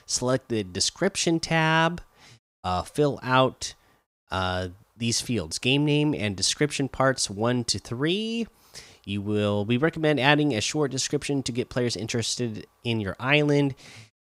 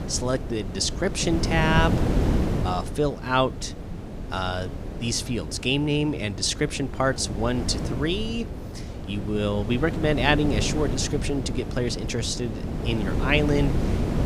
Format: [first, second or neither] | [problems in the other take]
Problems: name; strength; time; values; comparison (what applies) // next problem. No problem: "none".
first | wind noise on the microphone; heavy; 9 dB below the speech